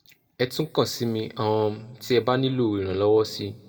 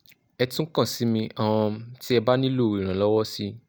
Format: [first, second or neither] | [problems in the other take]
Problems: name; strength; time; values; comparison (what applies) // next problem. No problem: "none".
second | room echo; dies away in 1 s